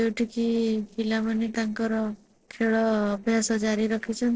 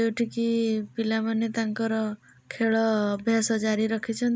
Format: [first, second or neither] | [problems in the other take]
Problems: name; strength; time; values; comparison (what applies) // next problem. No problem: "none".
second | noise reduction (neural separator model SepFormer DNS4)